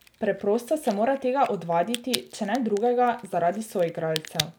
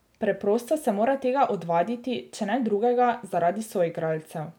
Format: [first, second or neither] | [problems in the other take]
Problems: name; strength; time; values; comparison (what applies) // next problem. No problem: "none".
second | background sound (Crack); 13 dB below the speech